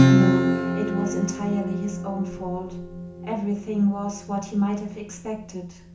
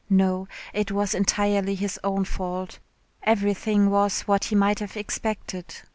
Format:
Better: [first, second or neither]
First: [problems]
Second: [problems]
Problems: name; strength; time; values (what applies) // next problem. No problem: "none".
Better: second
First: background sound (Acoustic guitar / Strum); 2 dB above the speech // room echo; dies away in 0.7 s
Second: none